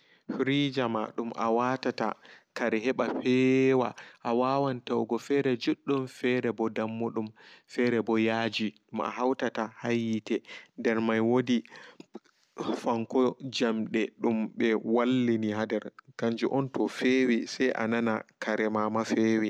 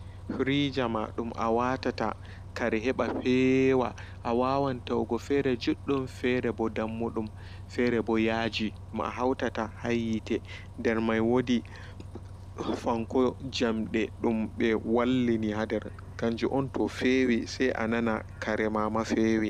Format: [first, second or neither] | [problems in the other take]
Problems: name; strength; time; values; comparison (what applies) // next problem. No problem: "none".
first | background sound (Bus); 14 dB below the speech